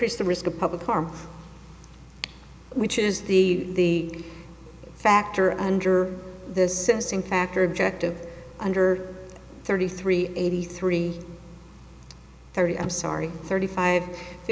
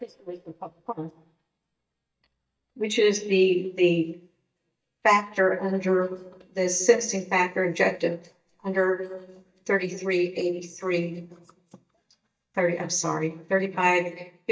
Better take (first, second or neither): first